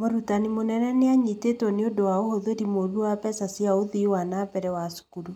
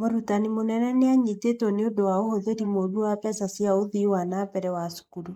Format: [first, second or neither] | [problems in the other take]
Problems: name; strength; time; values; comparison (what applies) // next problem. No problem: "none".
first | noise reduction (neural mask model Resemble Enhance denoiser)